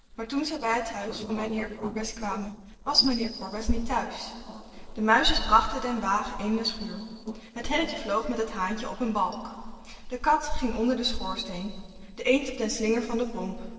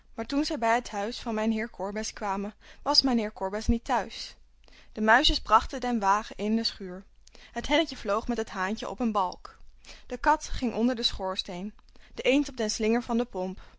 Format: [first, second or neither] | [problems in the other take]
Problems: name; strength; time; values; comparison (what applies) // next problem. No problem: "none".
second | noise reduction (neural separator model SepFormer DNS4)